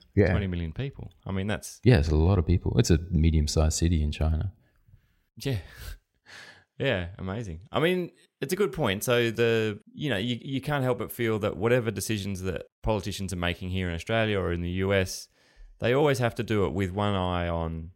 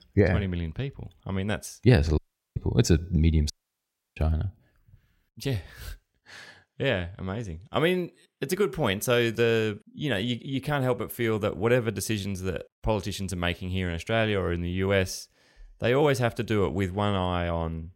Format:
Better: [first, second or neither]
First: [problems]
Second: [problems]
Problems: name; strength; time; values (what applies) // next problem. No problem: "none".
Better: first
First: none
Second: audio cutting out; at 2 s and at 3.5 s for 0.5 s